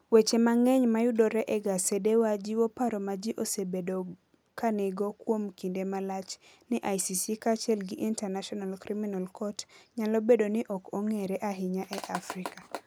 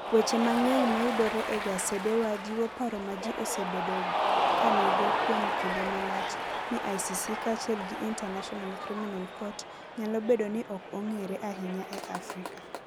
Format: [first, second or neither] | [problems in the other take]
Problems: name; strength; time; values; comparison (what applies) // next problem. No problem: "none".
first | background sound (Cheering); 1 dB below the speech